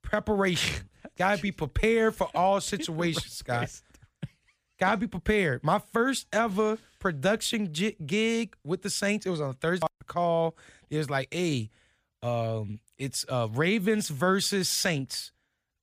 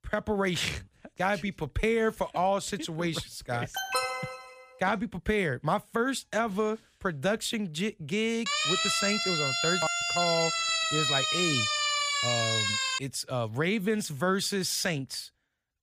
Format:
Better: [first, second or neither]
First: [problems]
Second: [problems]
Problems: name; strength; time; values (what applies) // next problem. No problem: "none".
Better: first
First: none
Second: alarm; loud; at 3.5 s; peak 1 dB above the speech // siren; loud; from 8.5 to 13 s; peak 5 dB above the speech